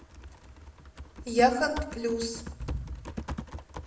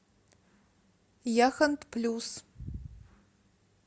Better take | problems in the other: second | background sound (Typing); 9 dB below the speech // room echo; dies away in 0.7 s

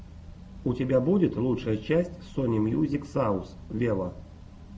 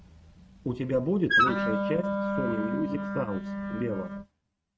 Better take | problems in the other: first | noise reduction (neural mask model RNNoise)

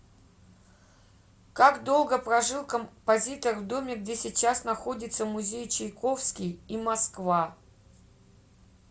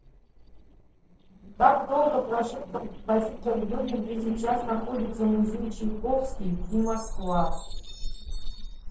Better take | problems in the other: first | noise reduction (neural separator model SepFormer DNS4)

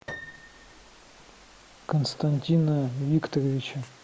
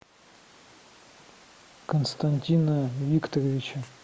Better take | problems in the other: second | background sound (Piano); 19 dB below the speech

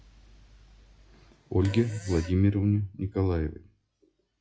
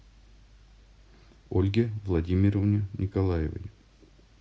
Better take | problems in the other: second | noise reduction (classical method log-MMSE)

